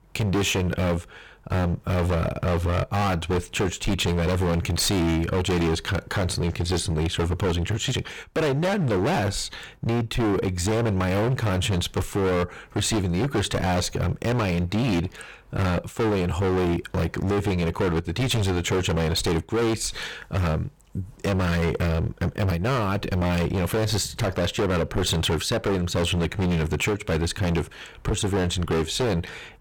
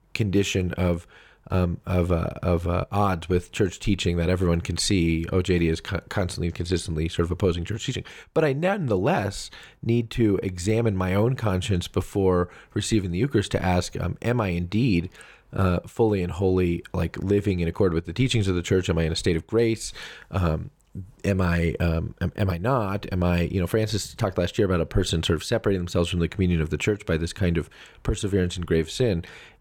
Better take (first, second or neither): second